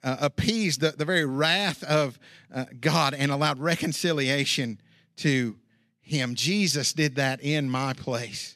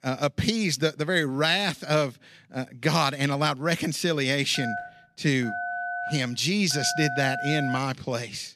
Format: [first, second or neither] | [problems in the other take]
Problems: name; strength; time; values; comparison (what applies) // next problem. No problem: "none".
first | phone ringing; noticeable; from 4.5 to 8 s; peak 5 dB below the speech